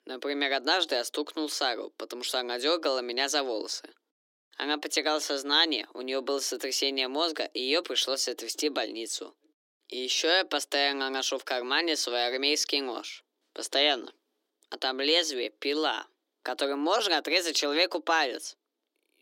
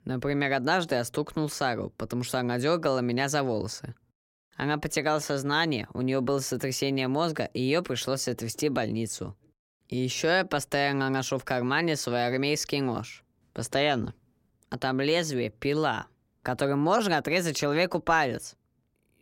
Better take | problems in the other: second | thin; very slightly; fading below 300 Hz

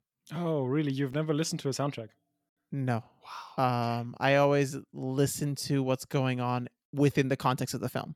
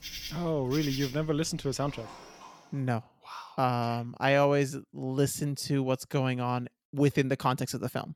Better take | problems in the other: first | animal sounds; noticeable; until 2.5 s; 15 dB below the speech

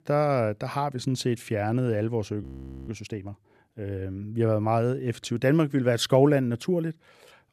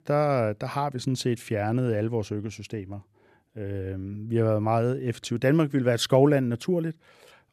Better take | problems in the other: second | audio freezing; at 2.5 s

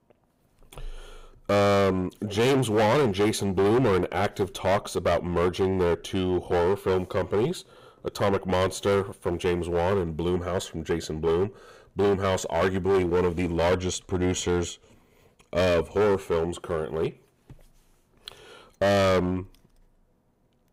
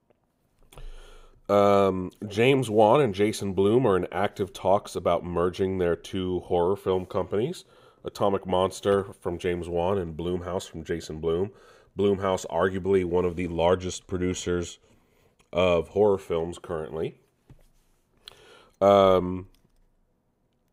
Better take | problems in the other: second | distortion; heavy; 11% of the sound clipped

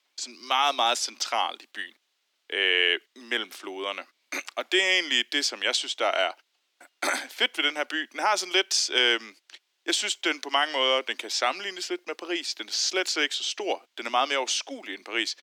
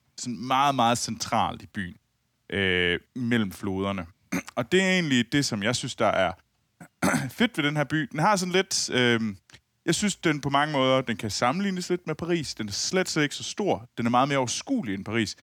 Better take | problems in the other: second | thin; very; fading below 350 Hz

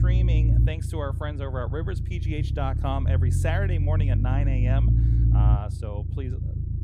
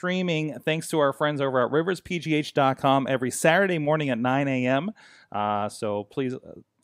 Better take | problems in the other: second | low rumble; loud; throughout; 4 dB below the speech

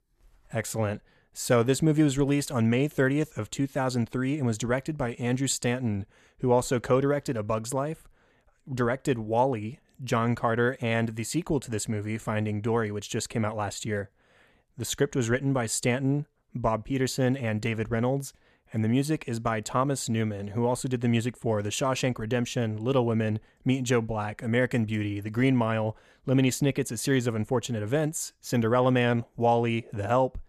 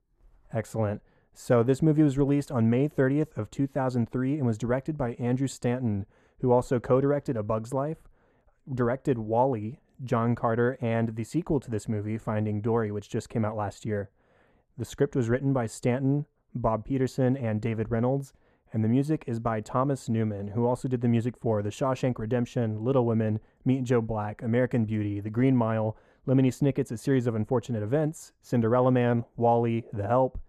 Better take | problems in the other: first | muffled; slightly; fading above 1.5 kHz

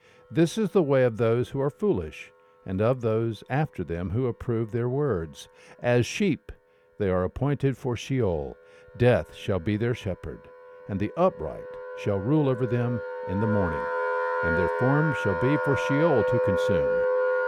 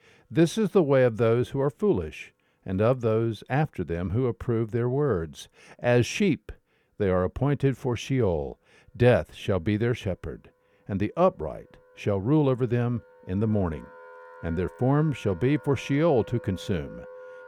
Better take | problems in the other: second | background music; loud; throughout; 1 dB below the speech; faint in the second

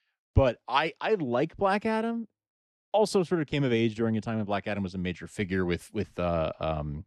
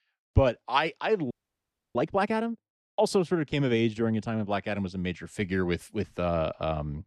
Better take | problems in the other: first | audio freezing; at 1.5 s for 0.5 s

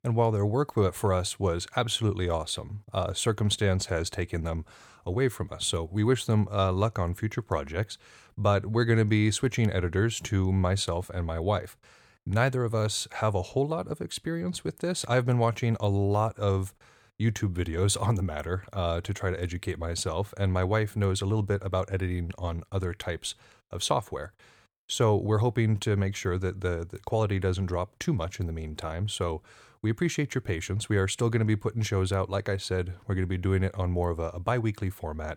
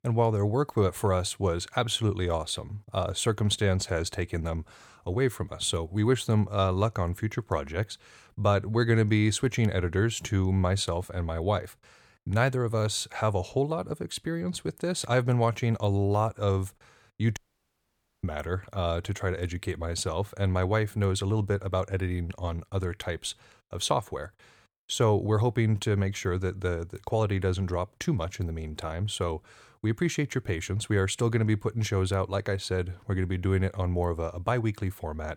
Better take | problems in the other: first | audio cutting out; at 17 s for 1 s

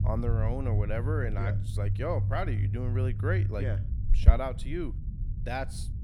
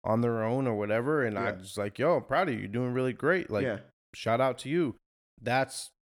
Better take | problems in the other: second | low rumble; loud; throughout; 9 dB below the speech

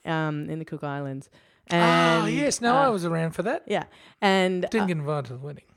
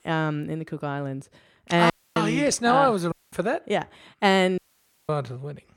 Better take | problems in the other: first | audio cutting out; at 2 s, at 3 s and at 4.5 s for 0.5 s

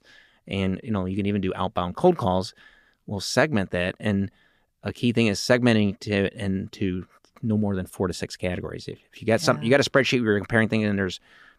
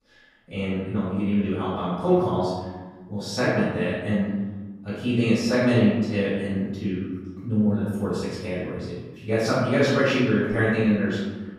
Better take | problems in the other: first | off-mic speech; far // room echo; strong; dies away in 1.2 s

